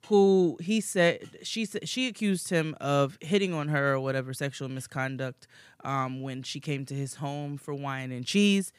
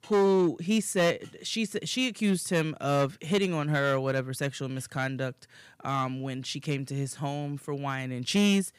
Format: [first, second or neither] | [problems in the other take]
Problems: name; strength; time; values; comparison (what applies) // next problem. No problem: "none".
first | distortion; slight; 5% of the sound clipped